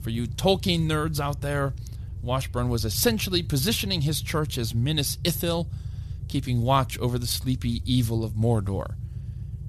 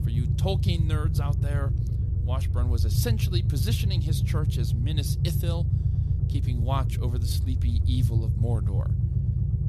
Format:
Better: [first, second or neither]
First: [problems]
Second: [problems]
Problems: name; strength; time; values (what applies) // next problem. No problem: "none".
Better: first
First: low rumble; faint; throughout; 20 dB below the speech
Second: low rumble; loud; throughout; 3 dB below the speech